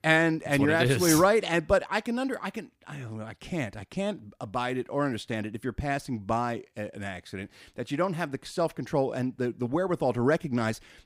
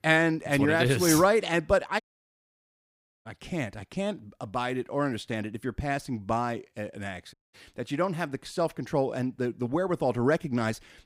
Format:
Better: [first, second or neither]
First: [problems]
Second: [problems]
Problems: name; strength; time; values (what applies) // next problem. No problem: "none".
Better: first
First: none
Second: audio cutting out; at 2 s for 1.5 s and at 7.5 s